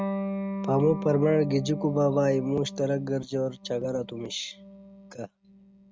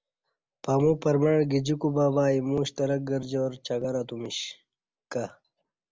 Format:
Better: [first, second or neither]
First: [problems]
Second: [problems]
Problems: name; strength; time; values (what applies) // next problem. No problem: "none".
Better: second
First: noise reduction (neural mask model RNNoise)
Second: none